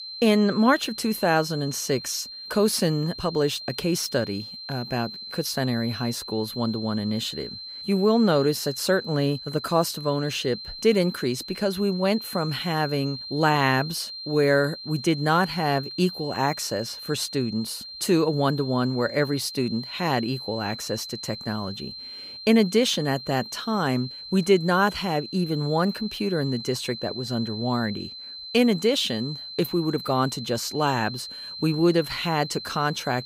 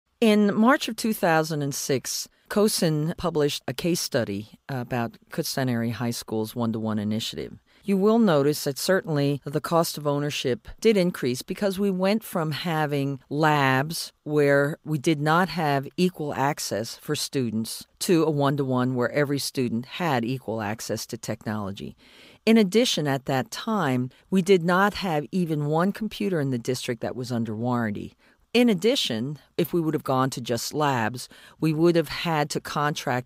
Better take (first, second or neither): second